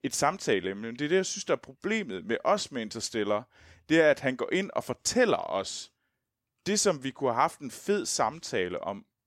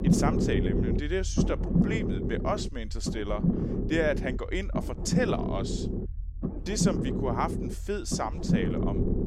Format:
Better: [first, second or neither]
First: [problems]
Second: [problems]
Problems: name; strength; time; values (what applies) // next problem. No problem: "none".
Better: first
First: none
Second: low rumble; loud; throughout; 3 dB below the speech